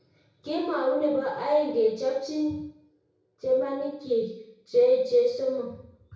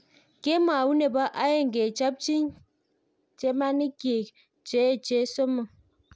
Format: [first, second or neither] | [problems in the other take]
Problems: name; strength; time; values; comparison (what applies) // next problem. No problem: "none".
second | room echo; dies away in 0.6 s